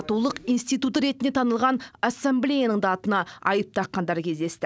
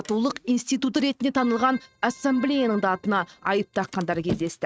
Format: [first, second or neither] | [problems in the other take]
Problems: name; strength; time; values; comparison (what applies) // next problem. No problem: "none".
first | noise reduction (neural mask model RNNoise)